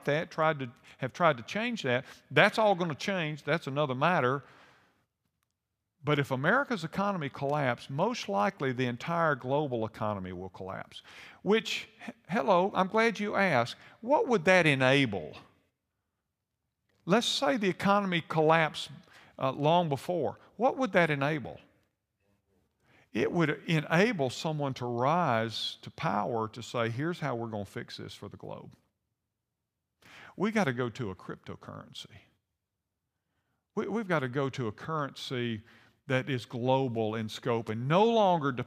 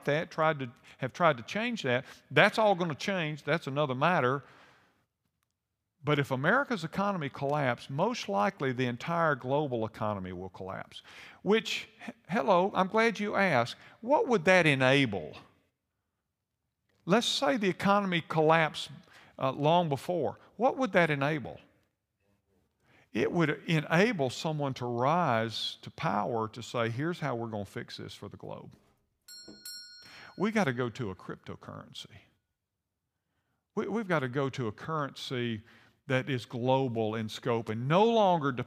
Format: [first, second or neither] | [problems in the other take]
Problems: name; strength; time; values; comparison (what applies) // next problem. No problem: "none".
first | doorbell; faint; from 29 to 30 s; peak 15 dB below the speech